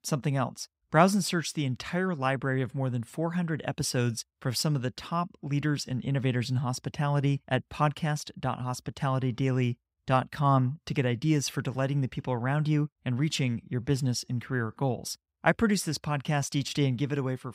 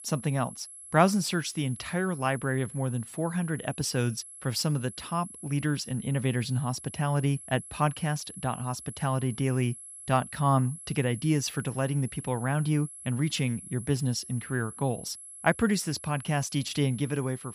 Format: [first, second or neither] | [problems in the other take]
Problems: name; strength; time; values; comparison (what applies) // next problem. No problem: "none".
first | high-pitched whine; noticeable; throughout; 11 kHz, 15 dB below the speech